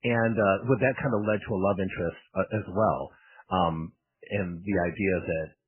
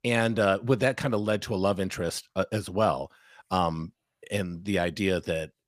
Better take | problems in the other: second | garbled, watery; badly; nothing above 3 kHz

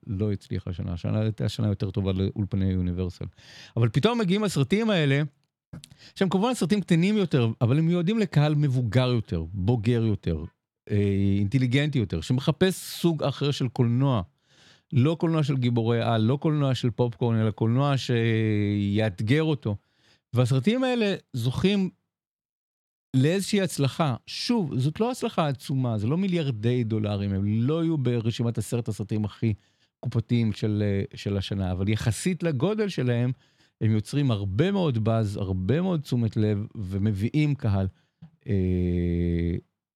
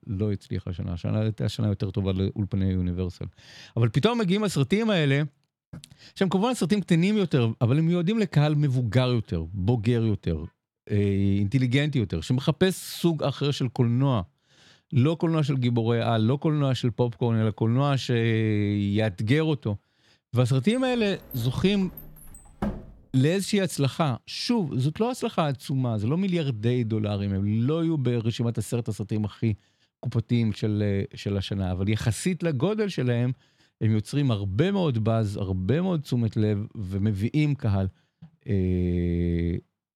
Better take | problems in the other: first | door banging; noticeable; from 21 to 23 s; peak 7 dB below the speech

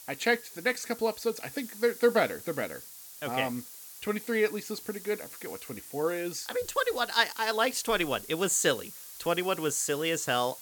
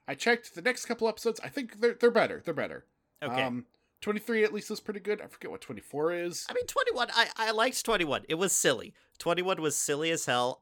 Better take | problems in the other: second | hiss; noticeable; throughout; 15 dB below the speech

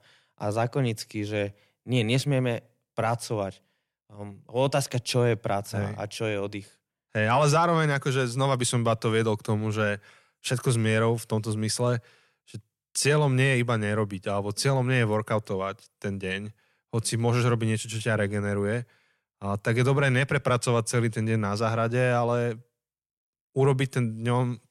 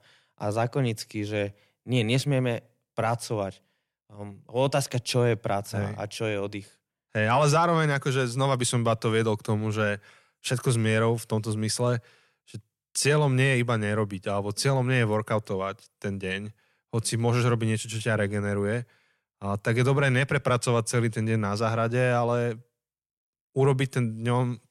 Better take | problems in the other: neither | none

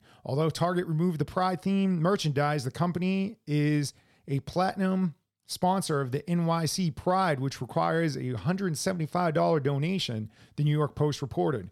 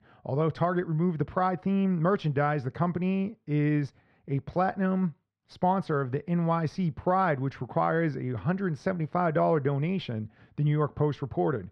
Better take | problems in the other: first | muffled; very; fading above 2 kHz

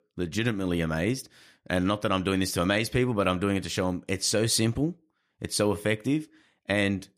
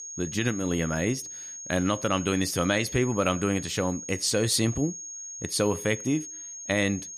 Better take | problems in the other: first | high-pitched whine; loud; throughout; 6.5 kHz, 10 dB below the speech

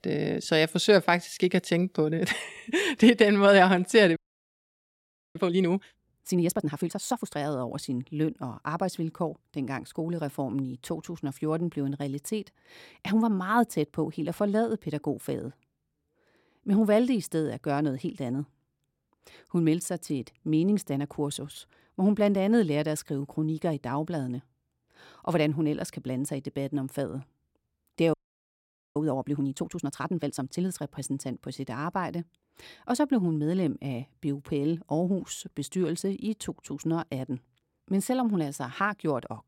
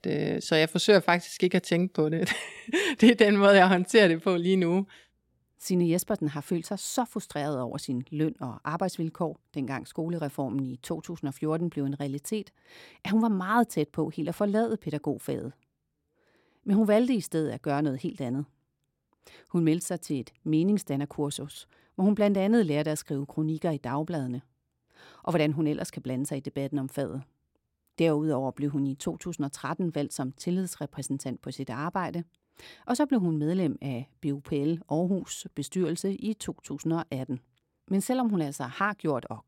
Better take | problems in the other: second | audio freezing; at 4 s for 1 s and at 28 s for 1 s

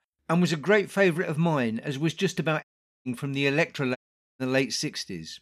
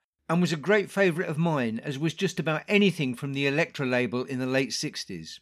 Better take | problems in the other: second | audio cutting out; at 2.5 s and at 4 s

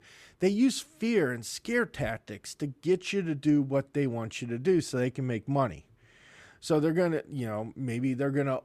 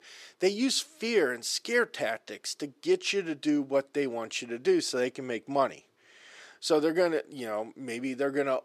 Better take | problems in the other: first | thin; somewhat; fading below 400 Hz

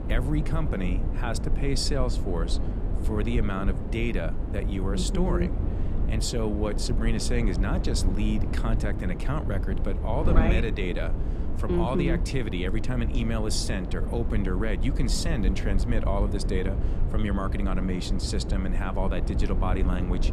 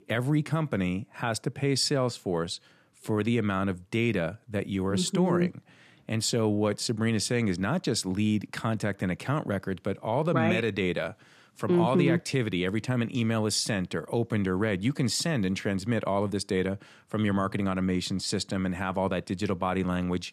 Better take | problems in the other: second | wind noise on the microphone; heavy; 7 dB below the speech

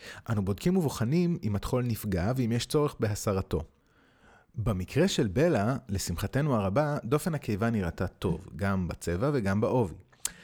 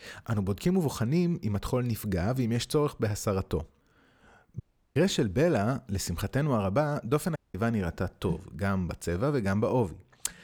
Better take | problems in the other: first | audio cutting out; at 4.5 s and at 7.5 s

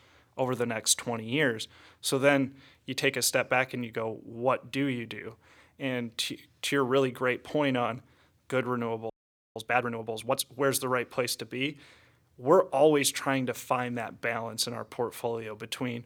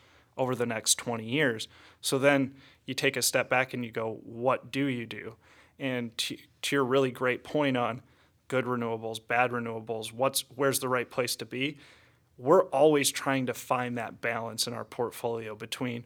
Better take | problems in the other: second | audio freezing; at 9 s

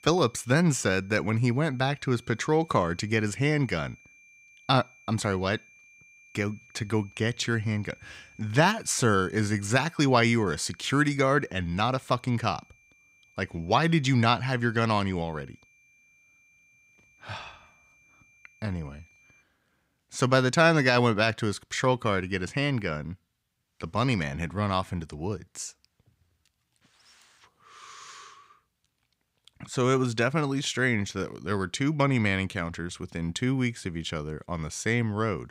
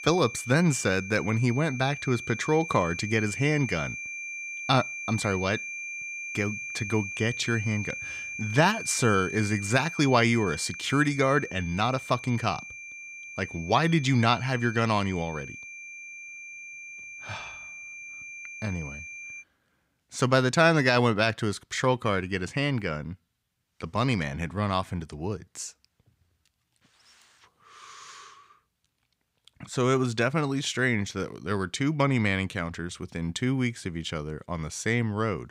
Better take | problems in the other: first | high-pitched whine; loud; until 19 s; 2.5 kHz, 10 dB below the speech; faint in the first

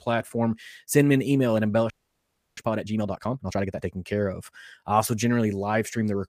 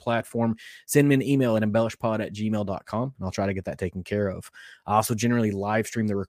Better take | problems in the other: second | audio freezing; at 2 s for 0.5 s

